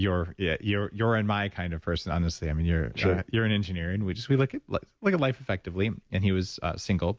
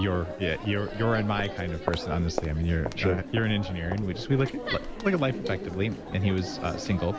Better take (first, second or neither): first